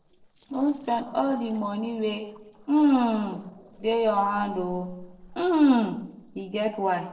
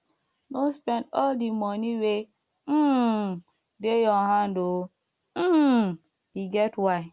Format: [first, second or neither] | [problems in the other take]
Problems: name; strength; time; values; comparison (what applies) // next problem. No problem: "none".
second | noise reduction (neural separator model SepFormer DNS4)